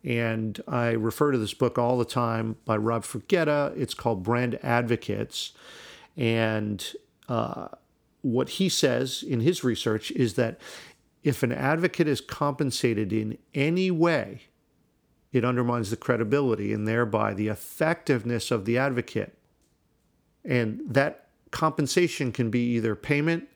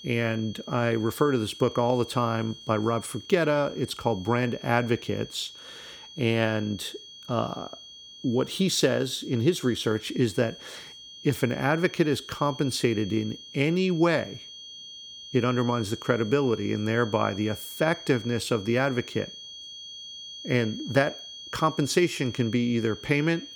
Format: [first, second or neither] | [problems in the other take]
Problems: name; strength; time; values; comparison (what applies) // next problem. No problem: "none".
first | high-pitched whine; noticeable; throughout; 3.5 kHz, 15 dB below the speech